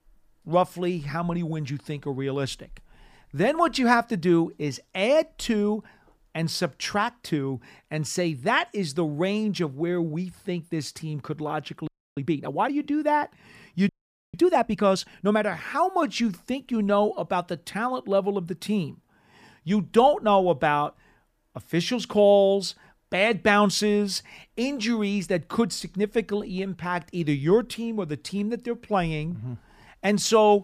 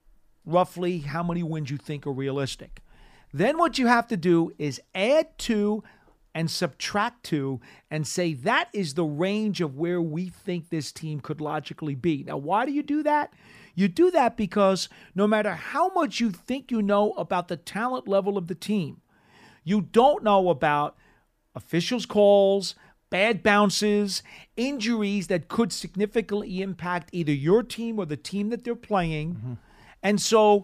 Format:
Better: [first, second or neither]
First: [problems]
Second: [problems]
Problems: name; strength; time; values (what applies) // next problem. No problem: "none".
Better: second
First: audio freezing; at 12 s and at 14 s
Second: none